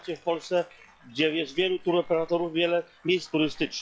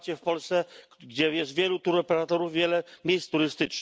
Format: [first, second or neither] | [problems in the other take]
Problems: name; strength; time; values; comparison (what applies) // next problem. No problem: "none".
second | noise reduction (classical method log-MMSE)